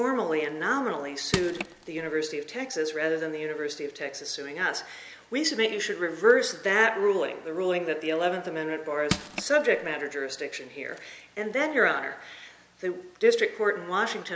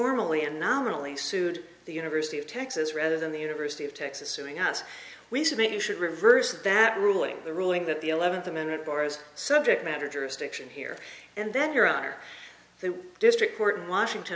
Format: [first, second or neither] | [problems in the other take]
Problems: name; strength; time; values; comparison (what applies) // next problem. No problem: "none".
second | background sound (Crushing); 6 dB below the speech